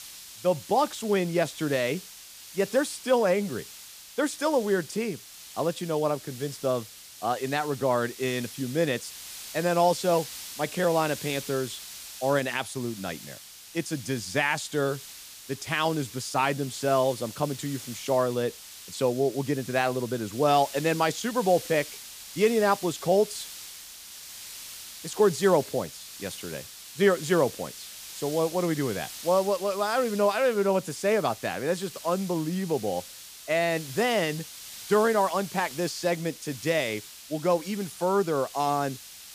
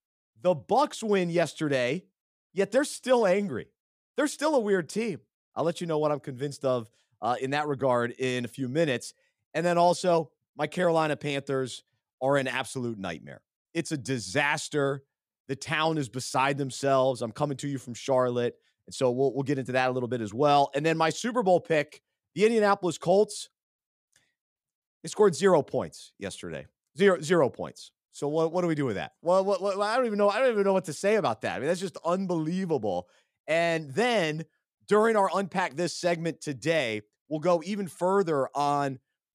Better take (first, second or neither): second